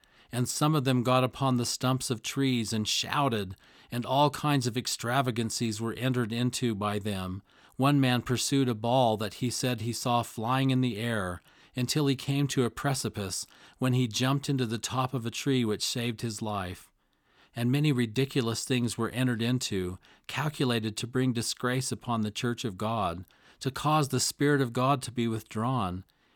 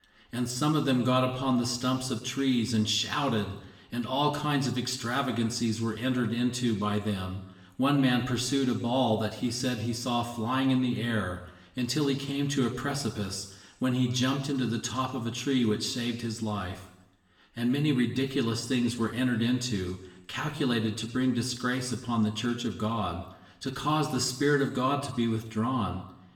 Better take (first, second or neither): first